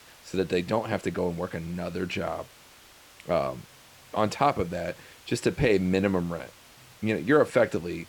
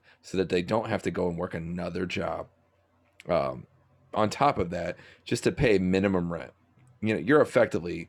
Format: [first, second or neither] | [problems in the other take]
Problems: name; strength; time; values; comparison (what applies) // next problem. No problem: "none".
second | hiss; faint; throughout; 25 dB below the speech